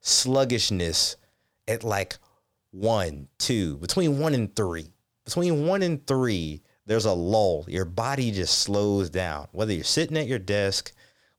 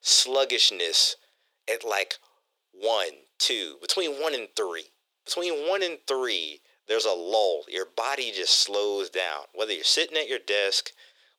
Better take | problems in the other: first | thin; very; fading below 400 Hz

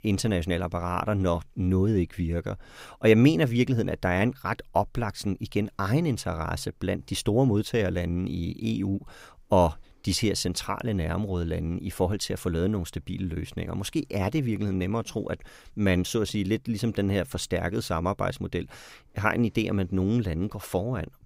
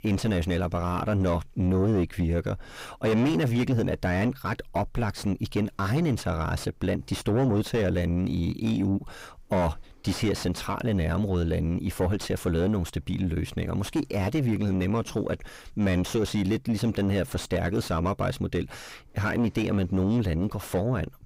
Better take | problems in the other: first | distortion; heavy; 7 dB below the speech

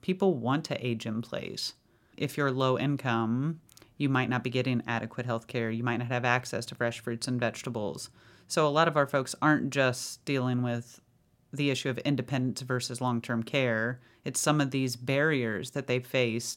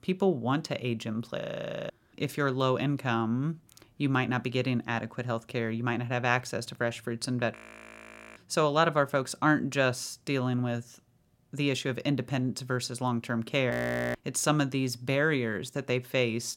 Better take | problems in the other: first | audio freezing; at 1.5 s for 0.5 s, at 7.5 s for 1 s and at 14 s

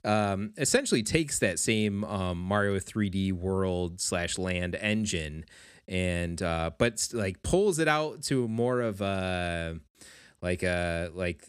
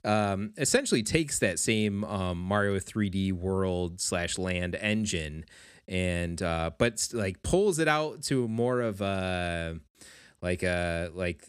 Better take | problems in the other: neither | none

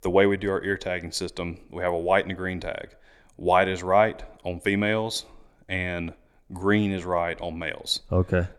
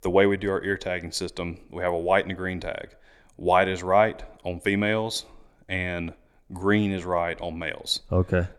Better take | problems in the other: neither | none

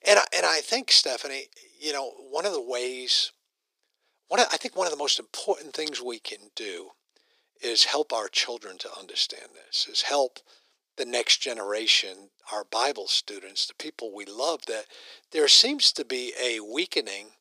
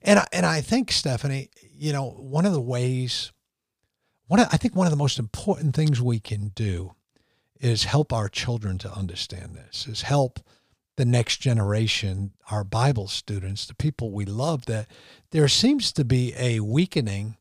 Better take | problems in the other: second | thin; very; fading below 350 Hz

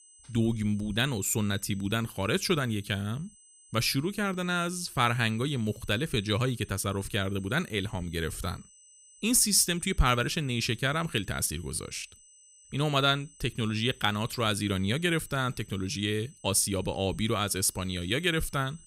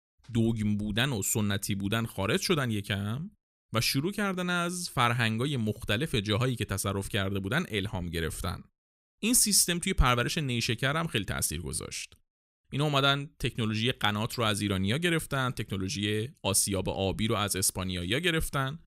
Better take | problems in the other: second | high-pitched whine; faint; throughout; 8 kHz, 25 dB below the speech

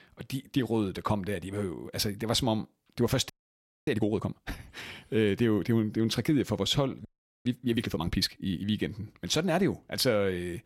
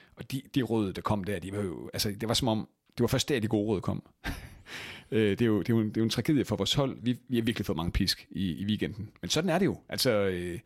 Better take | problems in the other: second | audio freezing; at 3.5 s for 0.5 s and at 7 s

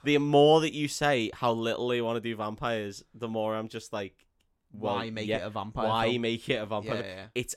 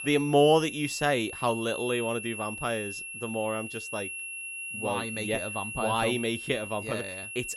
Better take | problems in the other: first | high-pitched whine; loud; throughout; 2.5 kHz, 7 dB below the speech

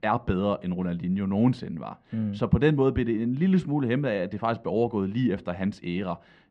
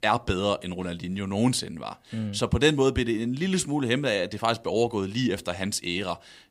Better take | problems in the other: second | muffled; very; fading above 2 kHz

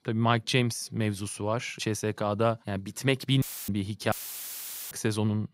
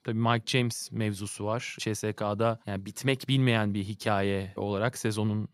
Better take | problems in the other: second | audio cutting out; filled with static; at 3.5 s and at 4 s for 1 s

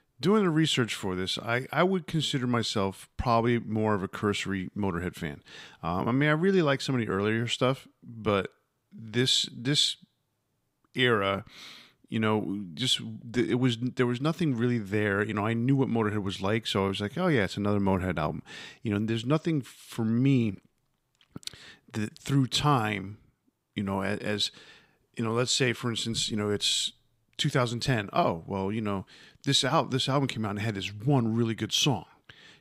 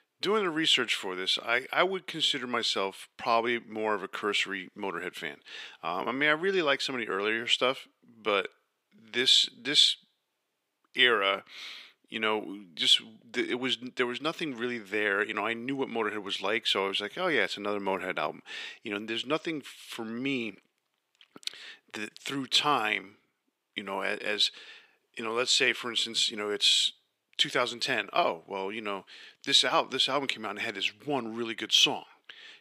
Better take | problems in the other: first | thin; somewhat; fading below 400 Hz

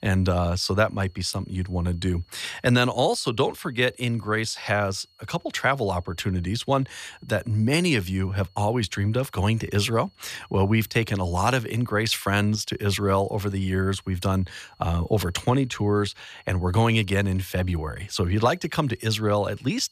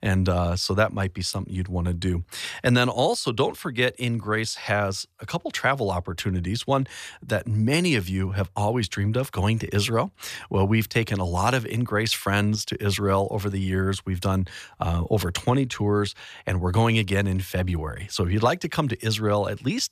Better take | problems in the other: second | high-pitched whine; faint; throughout; 4.5 kHz, 35 dB below the speech

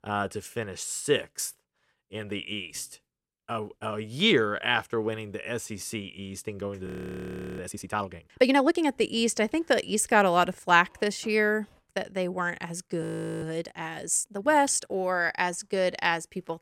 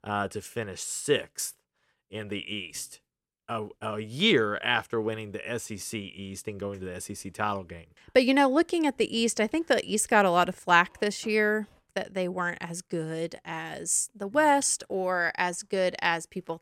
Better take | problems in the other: second | audio freezing; at 7 s for 0.5 s and at 13 s

